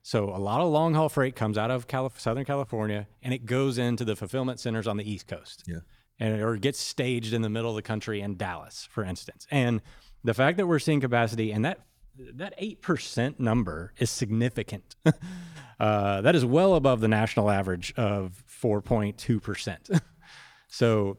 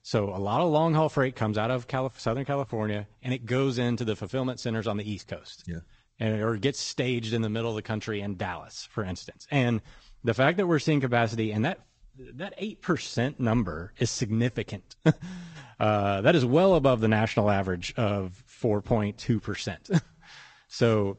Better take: first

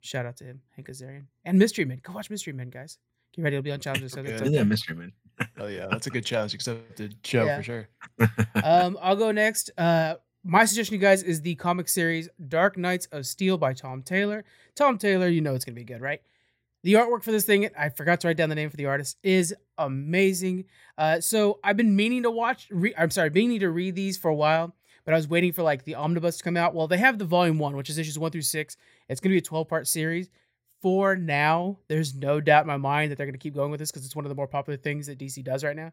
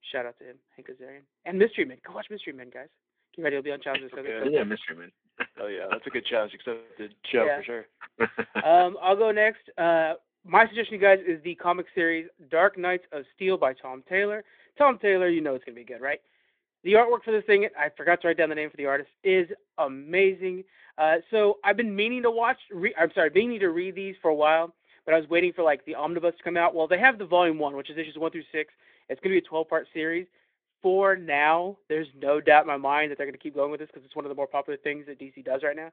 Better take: first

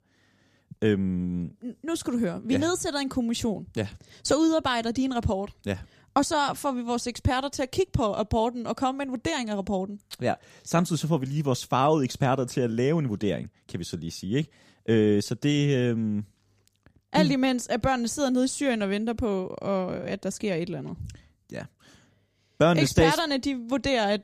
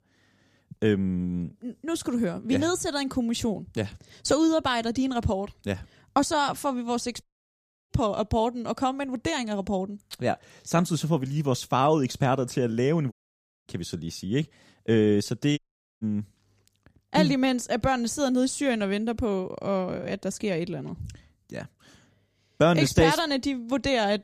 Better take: first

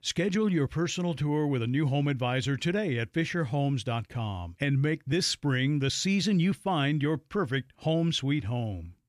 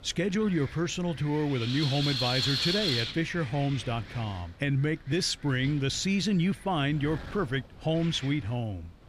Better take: first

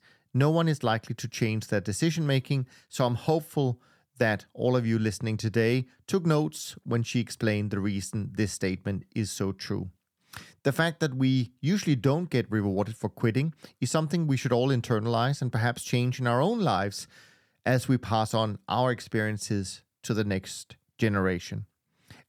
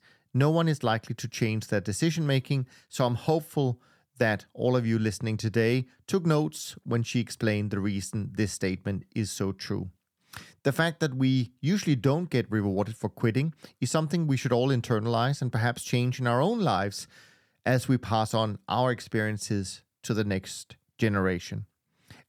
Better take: neither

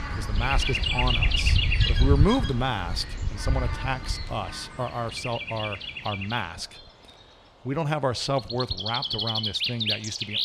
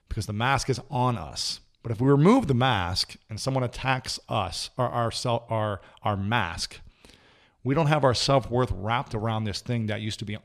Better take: second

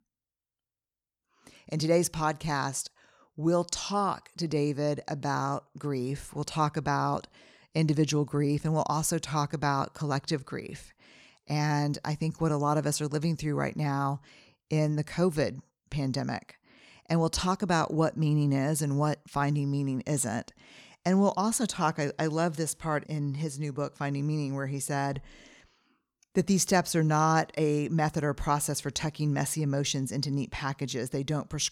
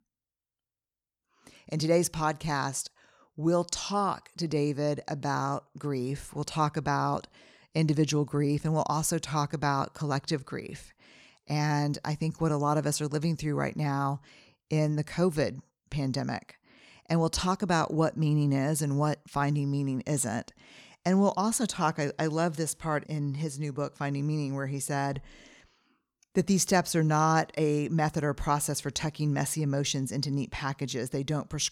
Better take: neither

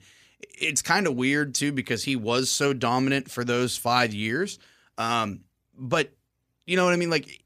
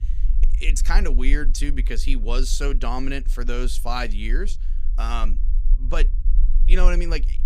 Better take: first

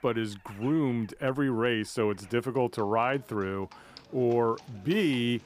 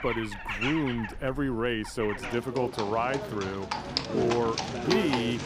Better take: first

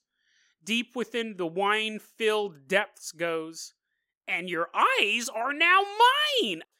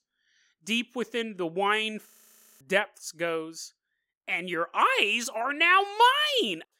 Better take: first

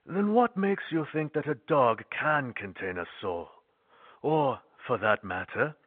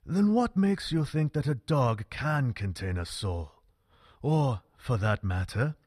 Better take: second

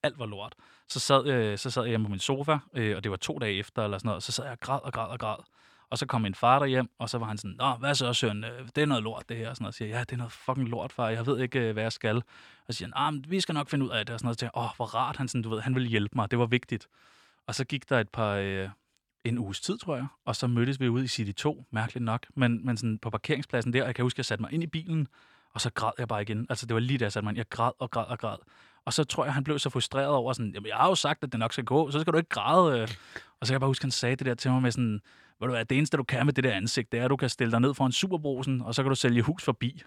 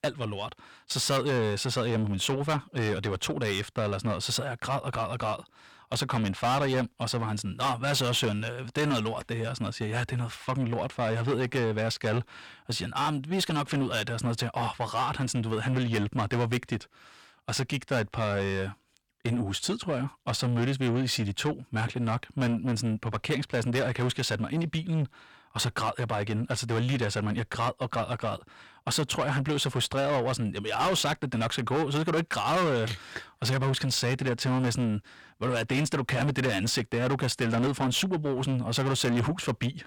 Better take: first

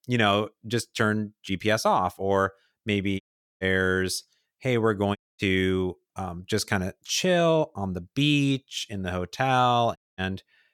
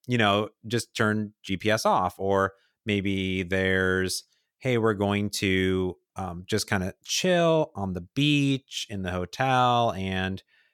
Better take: second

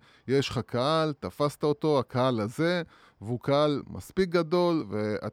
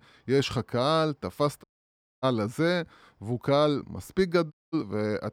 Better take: first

